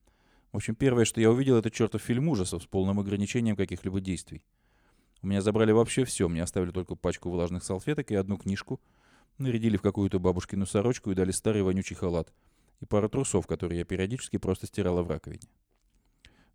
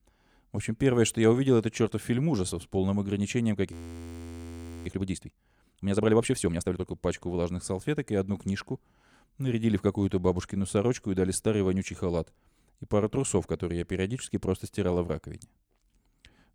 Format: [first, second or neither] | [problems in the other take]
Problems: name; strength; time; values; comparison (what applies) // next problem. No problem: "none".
first | audio freezing; at 3.5 s for 1 s